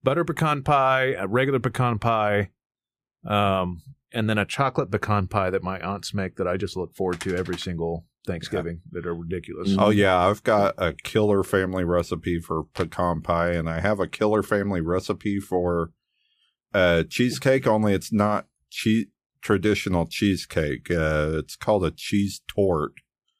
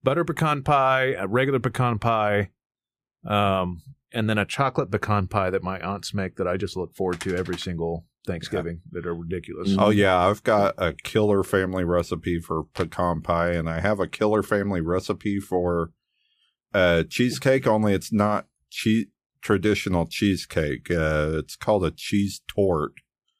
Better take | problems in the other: neither | none

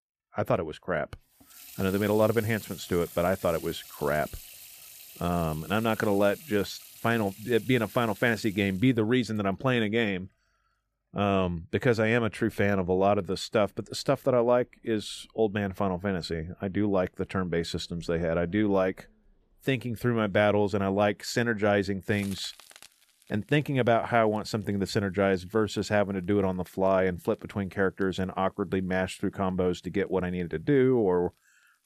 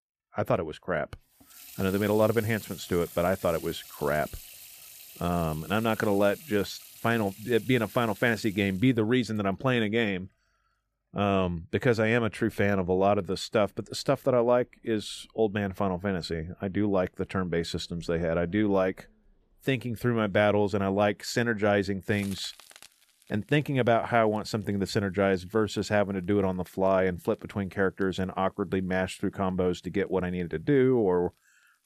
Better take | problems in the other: neither | household noises; noticeable; throughout; 20 dB below the speech; the same in both

